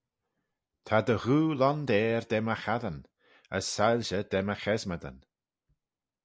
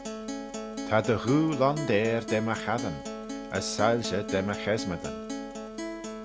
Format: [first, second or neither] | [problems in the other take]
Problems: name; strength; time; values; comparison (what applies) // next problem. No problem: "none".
first | background sound (Acoustic guitar); 7 dB below the speech